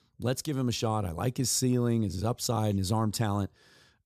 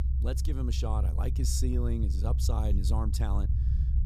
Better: first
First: none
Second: low rumble; loud; throughout; 8 dB below the speech

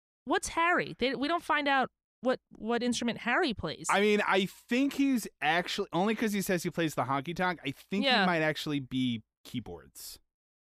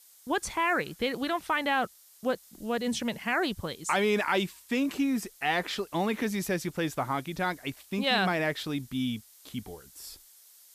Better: first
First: none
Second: hiss; faint; throughout; 25 dB below the speech

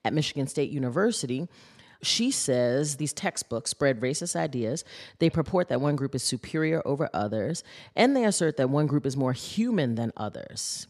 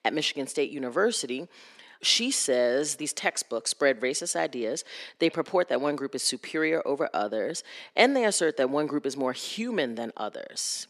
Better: first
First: none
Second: thin; somewhat; fading below 300 Hz

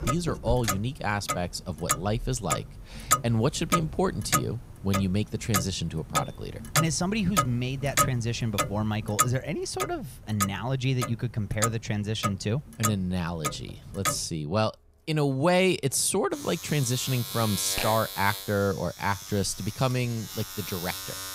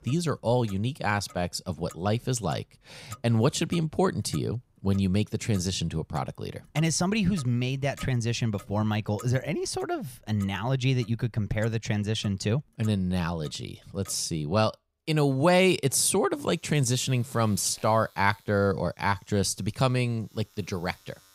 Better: second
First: household noises; loud; throughout; 3 dB below the speech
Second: household noises; faint; throughout; 25 dB below the speech

